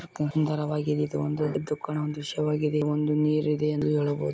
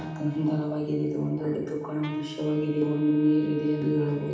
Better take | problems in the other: first | background sound (Wind instrument, woodwind instrument); 17 dB below the speech // room echo; dies away in 0.8 s

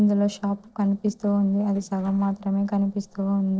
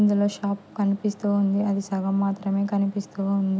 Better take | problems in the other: second | noise reduction (neural separator model SepFormer DNS4)

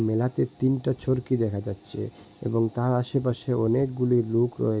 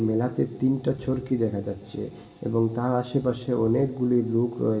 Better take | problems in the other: first | room echo; dies away in 1 s

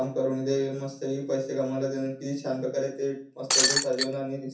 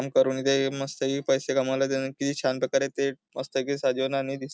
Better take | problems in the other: second | background sound (Shatter); 5 dB above the speech // room echo; dies away in 0.6 s

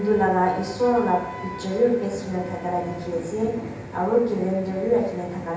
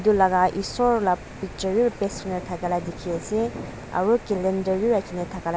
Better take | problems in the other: second | background sound (Wind instrument, woodwind instrument); 18 dB below the speech // room echo; dies away in 0.9 s

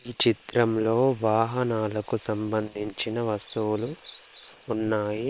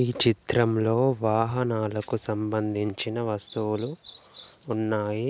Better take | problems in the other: second | noise reduction (neural separator model SepFormer WHAM!)

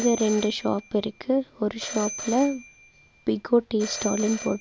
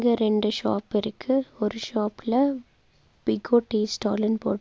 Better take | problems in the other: second | background sound (Telephone); 13 dB below the speech

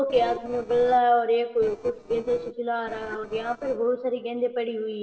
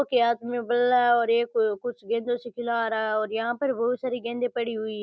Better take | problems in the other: second | noise reduction (neural separator model SepFormer DNS4)

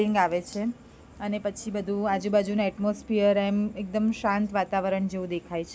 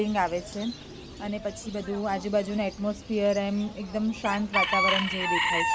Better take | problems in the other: first | background sound (Bird / Chicken, rooster); 3 dB below the speech

